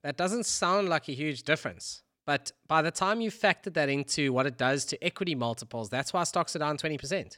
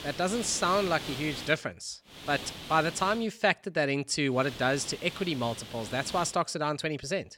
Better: first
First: none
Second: hiss; noticeable; until 1.5 s, at 2 s and from 4.5 to 6.5 s; 10 dB below the speech

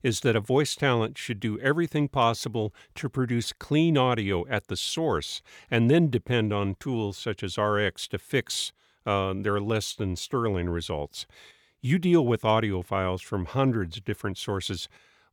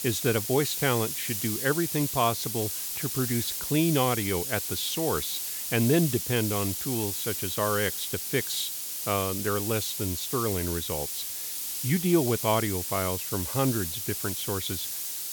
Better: first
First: none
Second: hiss; loud; throughout; 2 dB below the speech

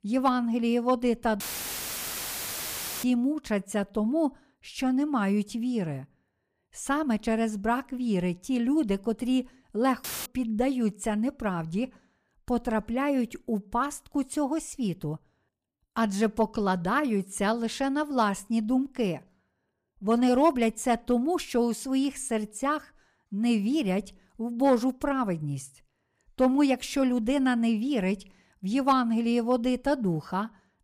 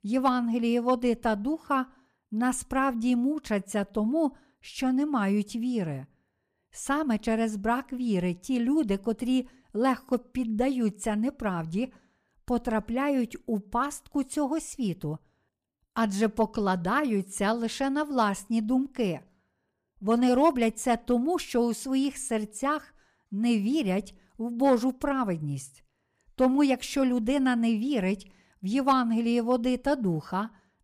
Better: second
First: audio cutting out; filled with static; at 1.5 s for 1.5 s and at 10 s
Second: none

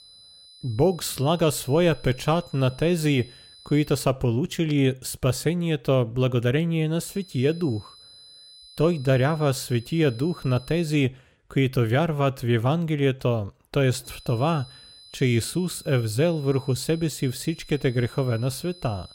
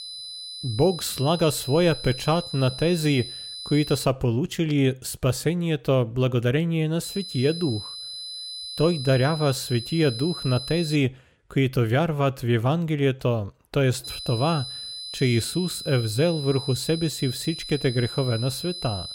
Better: first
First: high-pitched whine; faint; until 4 s, from 7 to 11 s and from 14 s on; 4 kHz, 20 dB below the speech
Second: high-pitched whine; loud; until 4 s, from 7 to 11 s and from 14 s on; 4 kHz, 9 dB below the speech

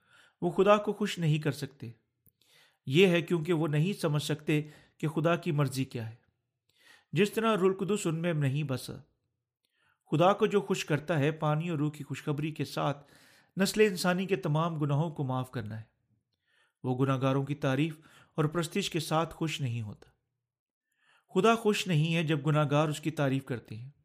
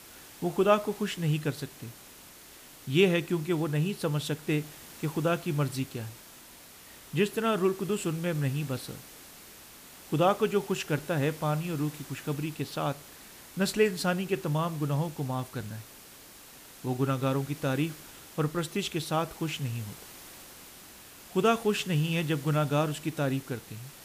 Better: first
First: none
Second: hiss; noticeable; throughout; 15 dB below the speech

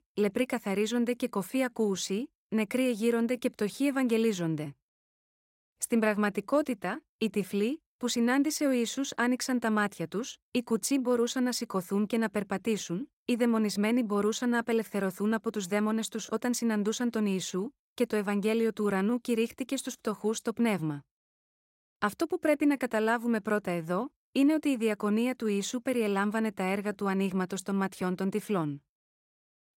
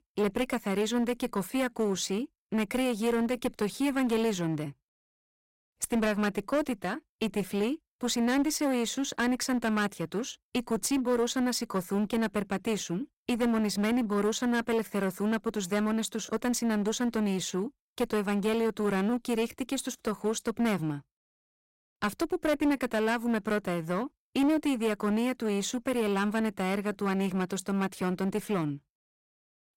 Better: first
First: none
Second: distortion; slight; 10% of the sound clipped

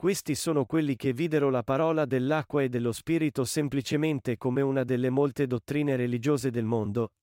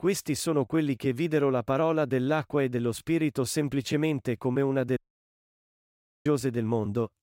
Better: first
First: none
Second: audio cutting out; at 5 s for 1.5 s

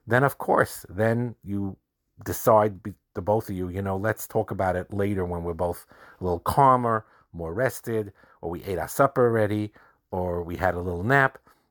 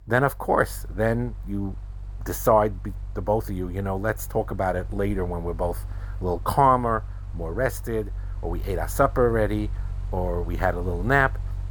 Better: first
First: none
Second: machinery noise; noticeable; throughout; 10 dB below the speech

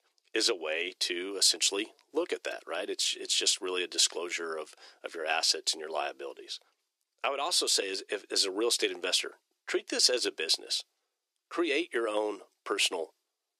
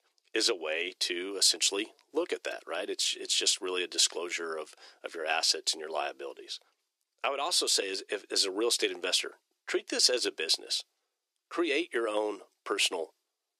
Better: neither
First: thin; very; fading below 350 Hz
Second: thin; very; fading below 350 Hz

